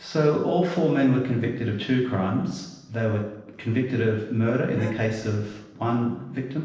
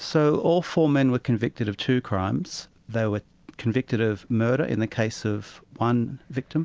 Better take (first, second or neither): second